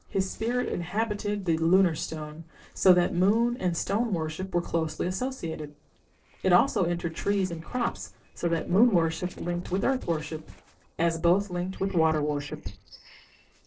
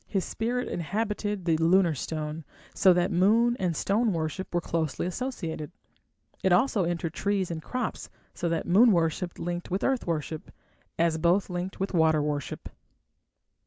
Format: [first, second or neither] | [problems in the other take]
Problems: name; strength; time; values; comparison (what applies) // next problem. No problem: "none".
second | noise reduction (neural separator model SepFormer DNS4)